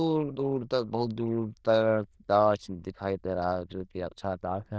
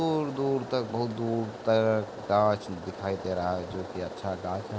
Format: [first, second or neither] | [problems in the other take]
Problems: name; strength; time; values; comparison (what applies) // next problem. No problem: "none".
second | noise reduction (neural diffusion model UNIVERSE++)